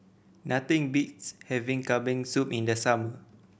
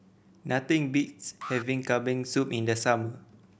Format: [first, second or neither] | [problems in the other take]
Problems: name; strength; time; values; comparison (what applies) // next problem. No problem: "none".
first | background sound (Alarm); 17 dB below the speech